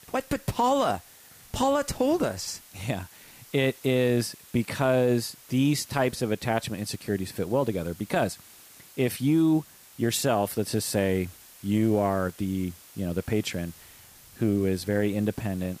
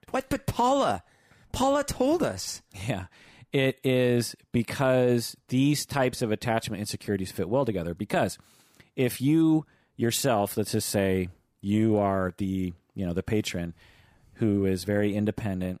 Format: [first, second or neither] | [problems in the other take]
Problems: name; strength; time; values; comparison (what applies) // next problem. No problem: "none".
second | hiss; faint; throughout; 20 dB below the speech